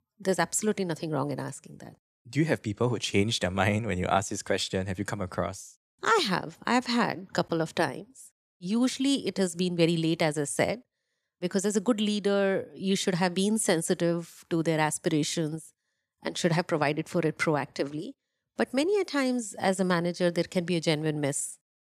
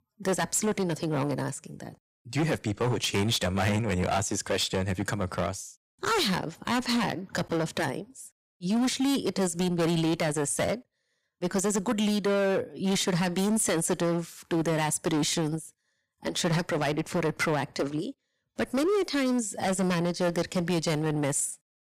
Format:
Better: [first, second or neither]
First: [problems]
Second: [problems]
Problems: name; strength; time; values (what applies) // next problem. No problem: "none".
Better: first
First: none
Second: distortion; heavy; 15% of the sound clipped